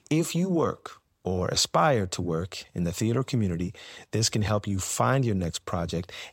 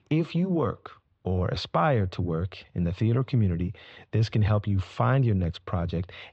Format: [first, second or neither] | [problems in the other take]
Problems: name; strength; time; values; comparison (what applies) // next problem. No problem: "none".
first | muffled; slightly; fading above 3.5 kHz